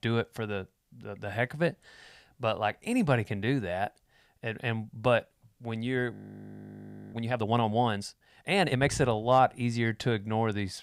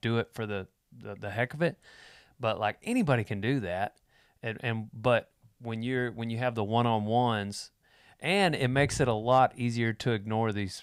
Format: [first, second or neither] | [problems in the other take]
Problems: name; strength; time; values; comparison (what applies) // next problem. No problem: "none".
second | audio freezing; at 6 s for 1 s